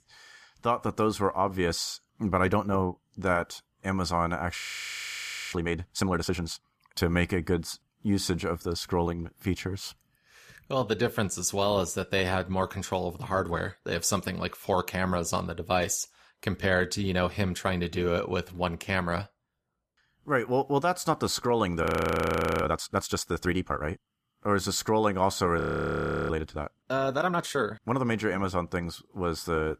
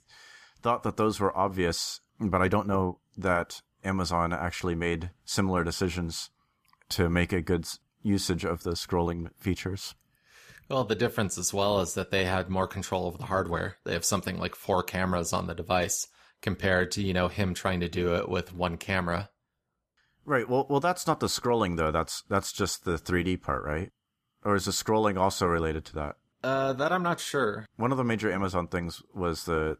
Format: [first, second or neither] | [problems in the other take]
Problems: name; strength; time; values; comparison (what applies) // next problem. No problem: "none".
second | audio freezing; at 4.5 s for 1 s, at 22 s for 1 s and at 26 s for 0.5 s